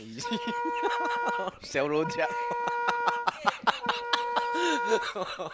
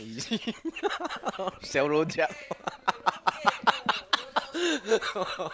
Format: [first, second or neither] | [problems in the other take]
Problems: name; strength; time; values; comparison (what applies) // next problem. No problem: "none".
second | background sound (Wind instrument, woodwind instrument); 1 dB below the speech